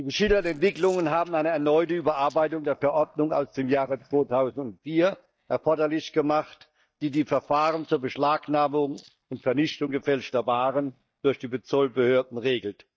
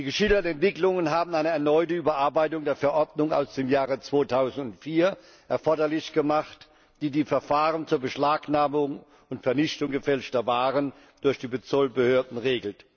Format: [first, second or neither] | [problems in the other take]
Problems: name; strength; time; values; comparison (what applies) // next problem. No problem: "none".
second | noise reduction (neural mask model DeepFilterNet 3)